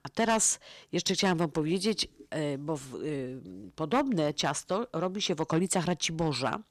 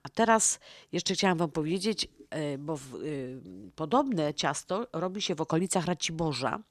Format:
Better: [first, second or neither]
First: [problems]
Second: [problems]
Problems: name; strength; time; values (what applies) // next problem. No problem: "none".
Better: second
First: distortion; slight; 2% of the sound clipped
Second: none